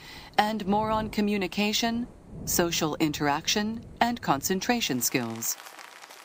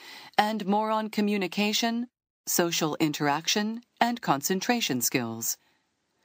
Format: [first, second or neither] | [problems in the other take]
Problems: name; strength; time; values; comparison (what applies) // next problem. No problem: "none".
second | rain or running water; noticeable; throughout; 20 dB below the speech